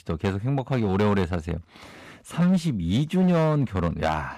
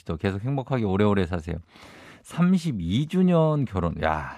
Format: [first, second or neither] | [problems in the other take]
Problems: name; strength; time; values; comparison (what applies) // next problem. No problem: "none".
second | distortion; slight; 8% of the sound clipped